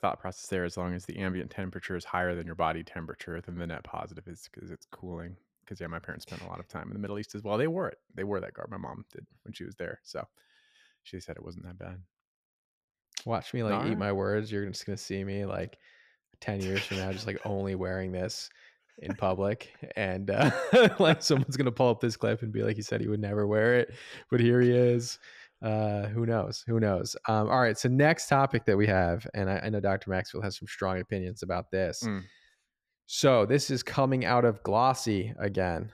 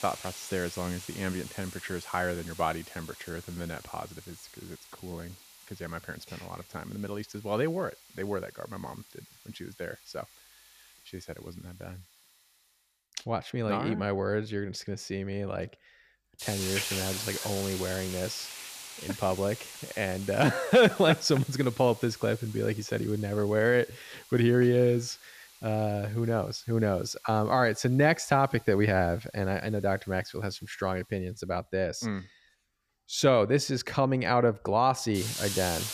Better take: first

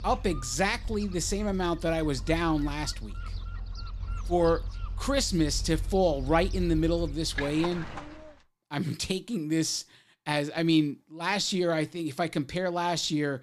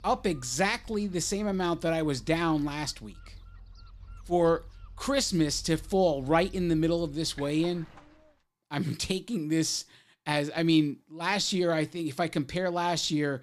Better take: second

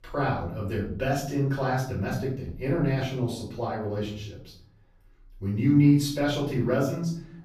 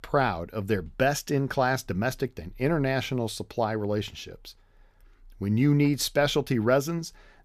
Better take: second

